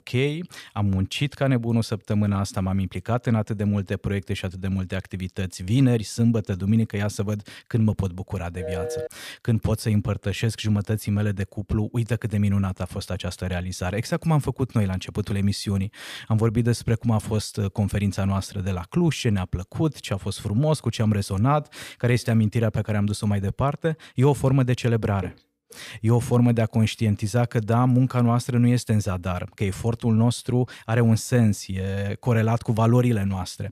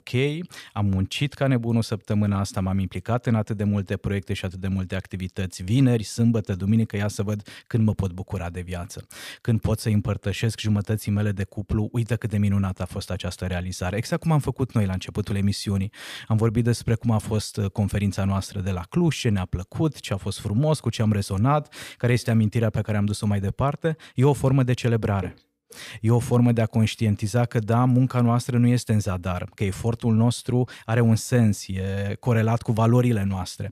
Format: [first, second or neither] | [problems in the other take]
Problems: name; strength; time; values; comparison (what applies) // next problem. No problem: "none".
second | phone ringing; noticeable; at 8.5 s; peak 6 dB below the speech